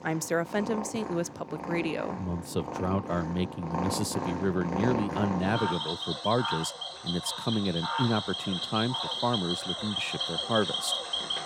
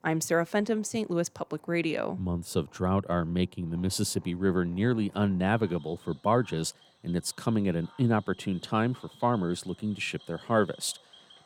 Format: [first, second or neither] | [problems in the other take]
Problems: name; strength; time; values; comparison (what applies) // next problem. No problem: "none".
second | animal sounds; loud; throughout; 2 dB below the speech; faint in the second